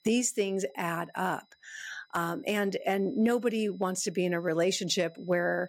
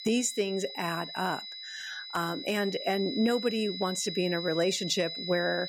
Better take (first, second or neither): first